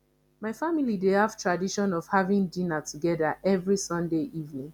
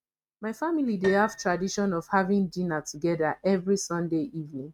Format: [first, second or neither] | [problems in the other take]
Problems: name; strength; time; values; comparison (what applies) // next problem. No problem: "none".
first | noise reduction (neural mask model RNNoise)